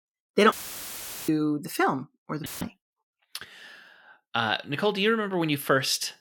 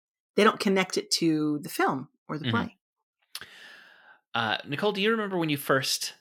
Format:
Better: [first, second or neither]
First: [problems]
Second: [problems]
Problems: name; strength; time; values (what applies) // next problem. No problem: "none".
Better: second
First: audio cutting out; filled with static; at 0.5 s for 1 s and at 2.5 s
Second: none